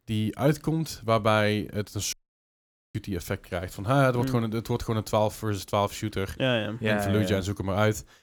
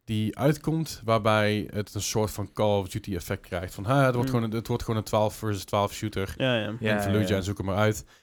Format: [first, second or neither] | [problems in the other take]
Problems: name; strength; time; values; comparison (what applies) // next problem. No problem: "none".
second | audio cutting out; at 2 s for 1 s